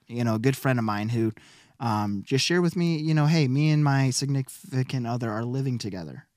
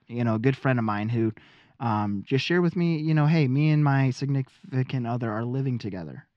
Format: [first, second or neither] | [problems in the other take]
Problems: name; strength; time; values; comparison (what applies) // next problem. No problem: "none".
first | muffled; slightly; fading above 3.5 kHz